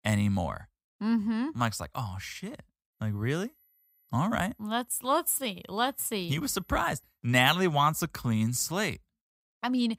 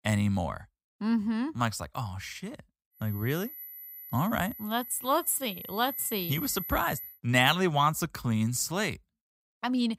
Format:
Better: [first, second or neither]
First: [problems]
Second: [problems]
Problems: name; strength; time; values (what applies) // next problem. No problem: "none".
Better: first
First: high-pitched whine; faint; from 3 to 7 s; 12 kHz, 35 dB below the speech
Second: high-pitched whine; loud; from 3 to 7 s; 12 kHz, 10 dB below the speech